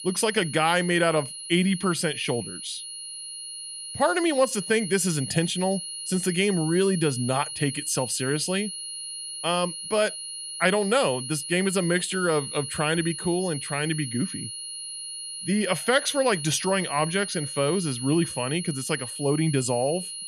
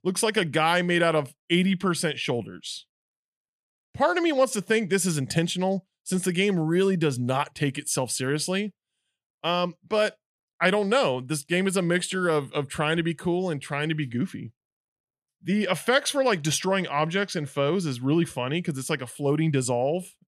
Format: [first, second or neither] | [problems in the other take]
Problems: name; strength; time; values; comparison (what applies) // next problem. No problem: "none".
second | high-pitched whine; loud; throughout; 10.5 kHz, 8 dB below the speech